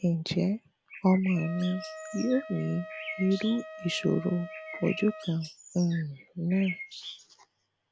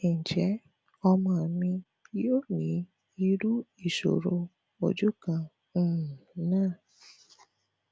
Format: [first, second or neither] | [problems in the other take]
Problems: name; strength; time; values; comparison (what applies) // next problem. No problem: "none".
second | background sound (Bird + Wind instrument, woodwind instrument); 13 dB below the speech